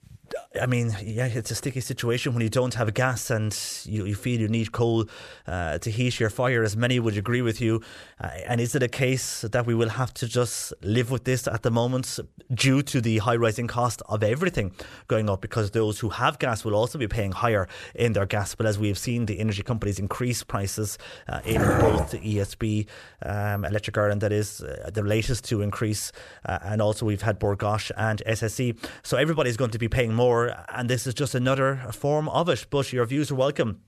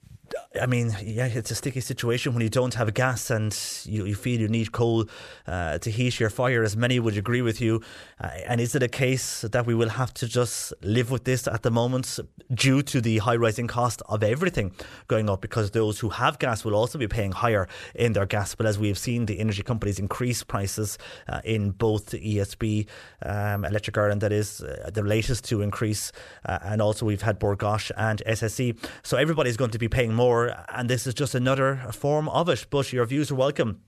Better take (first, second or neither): second